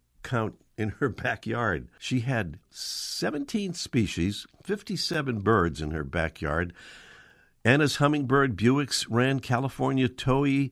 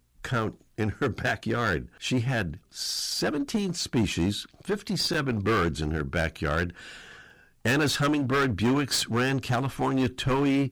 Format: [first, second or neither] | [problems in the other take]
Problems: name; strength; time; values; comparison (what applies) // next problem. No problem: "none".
first | distortion; heavy; 11% of the sound clipped